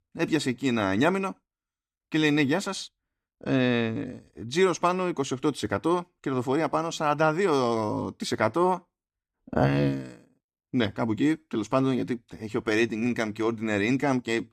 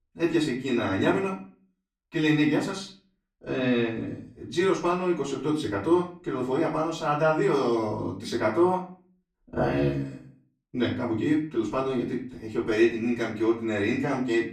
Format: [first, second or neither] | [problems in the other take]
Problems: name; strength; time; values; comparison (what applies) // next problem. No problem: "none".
first | room echo; slight; dies away in 0.4 s // off-mic speech; far